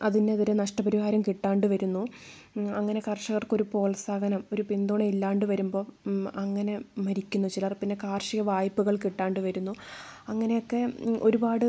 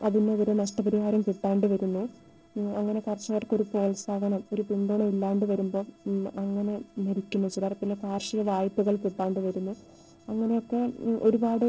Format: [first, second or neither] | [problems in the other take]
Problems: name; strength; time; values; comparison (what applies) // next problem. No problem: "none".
first | noise reduction (neural separator model SepFormer DNS4)